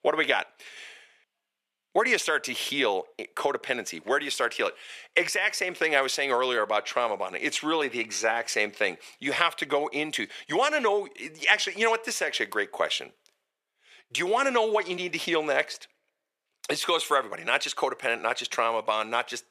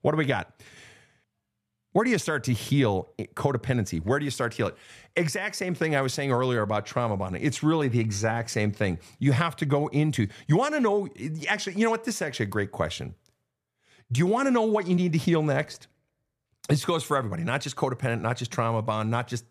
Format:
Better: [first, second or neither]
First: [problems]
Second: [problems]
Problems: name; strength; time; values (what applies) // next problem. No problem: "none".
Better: second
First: thin; very; fading below 400 Hz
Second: none